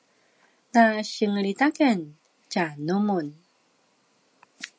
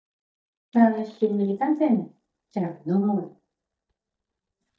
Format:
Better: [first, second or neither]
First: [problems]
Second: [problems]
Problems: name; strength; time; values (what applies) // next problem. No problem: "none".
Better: first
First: none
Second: noise reduction (neural mask model DeepFilterNet 3)